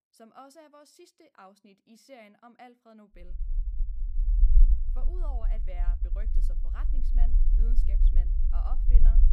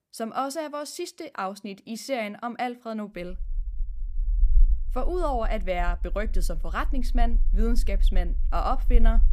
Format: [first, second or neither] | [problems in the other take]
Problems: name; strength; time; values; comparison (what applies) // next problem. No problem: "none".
second | low rumble; loud; from 3.5 s on; 4 dB below the speech; faint in the second